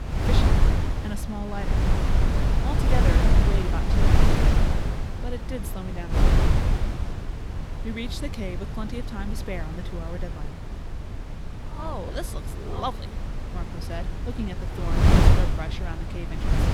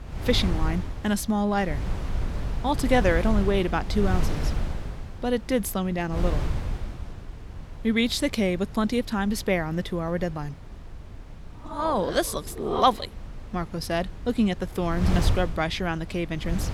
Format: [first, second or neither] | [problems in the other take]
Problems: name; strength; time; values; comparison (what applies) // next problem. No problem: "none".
second | wind noise on the microphone; heavy; 3 dB above the speech; occasional gusts in the second